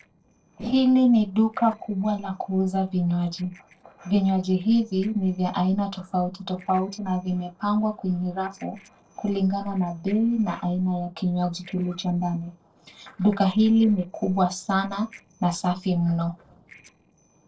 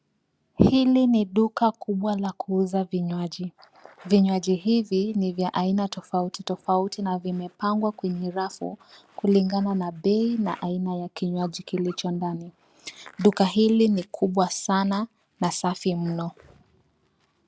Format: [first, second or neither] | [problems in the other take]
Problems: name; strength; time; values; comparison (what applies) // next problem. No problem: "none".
second | noise reduction (neural separator model SepFormer DNS4)